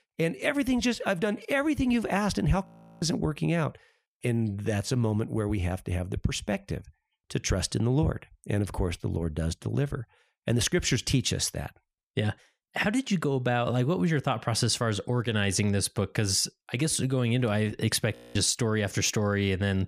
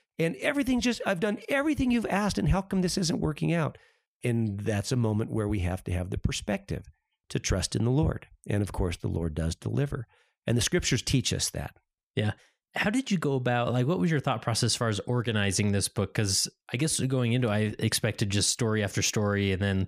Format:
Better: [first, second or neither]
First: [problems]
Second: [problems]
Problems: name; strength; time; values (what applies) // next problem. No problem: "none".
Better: second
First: audio freezing; at 2.5 s and at 18 s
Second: none